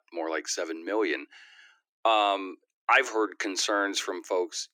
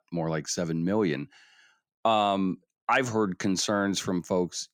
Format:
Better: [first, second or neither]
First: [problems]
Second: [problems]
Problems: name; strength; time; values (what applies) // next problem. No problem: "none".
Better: second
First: thin; very; fading below 300 Hz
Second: none